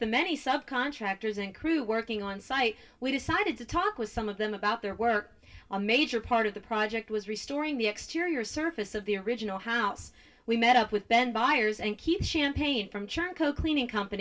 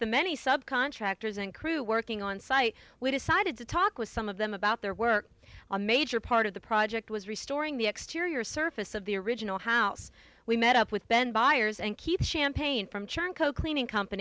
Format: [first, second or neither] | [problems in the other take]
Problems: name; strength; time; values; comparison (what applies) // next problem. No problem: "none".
second | room echo; dies away in 0.2 s